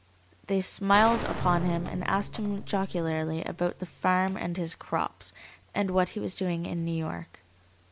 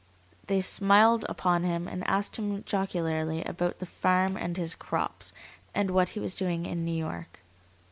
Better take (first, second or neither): second